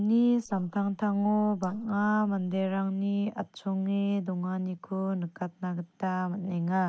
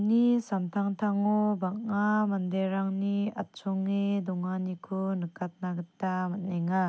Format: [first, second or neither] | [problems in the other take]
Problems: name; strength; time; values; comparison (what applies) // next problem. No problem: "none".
second | noise reduction (neural mask model Resemble Enhance denoiser)